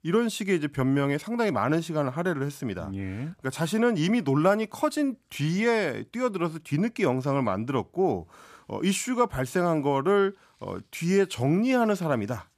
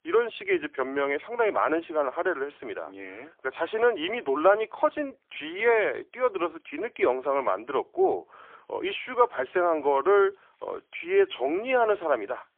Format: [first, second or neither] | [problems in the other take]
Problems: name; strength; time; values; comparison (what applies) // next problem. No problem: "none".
first | phone-call audio; poor line; nothing above 3.5 kHz